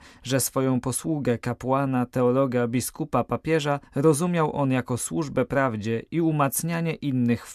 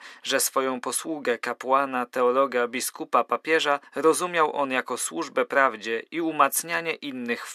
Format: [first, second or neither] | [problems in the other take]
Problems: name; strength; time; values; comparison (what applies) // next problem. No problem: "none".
first | thin; somewhat; fading below 350 Hz